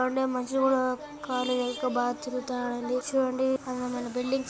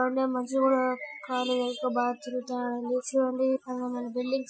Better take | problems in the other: first | noise reduction (classical method Wiener filter)

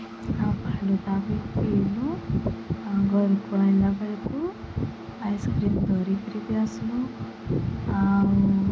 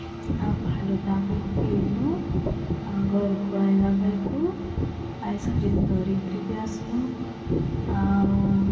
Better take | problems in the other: first | room echo; dies away in 2.8 s

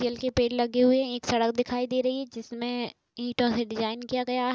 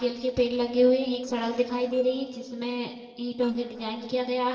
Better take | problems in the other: first | noise reduction (neural separator model SepFormer DNS4)

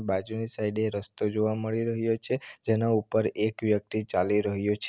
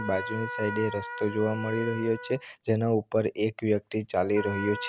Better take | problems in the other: first | background sound (Trumpet); 10 dB below the speech

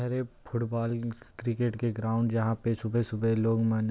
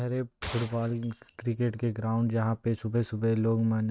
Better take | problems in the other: first | noise reduction (neural mask model RNNoise)

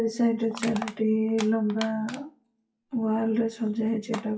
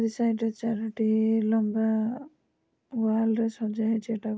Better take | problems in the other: second | noise reduction (classical method WPE with log-MMSE)

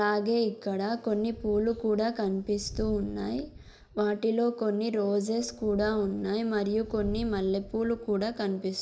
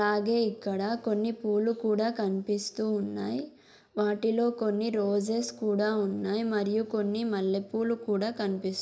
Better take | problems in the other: second | background sound (Wind); 15 dB below the speech

